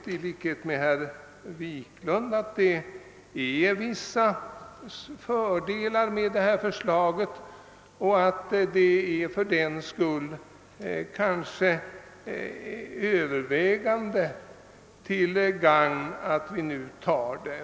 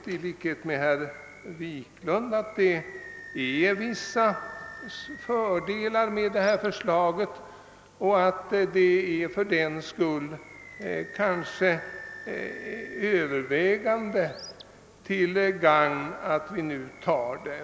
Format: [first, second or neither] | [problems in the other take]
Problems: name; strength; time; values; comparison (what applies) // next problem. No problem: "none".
first | background sound (Animal); 19 dB below the speech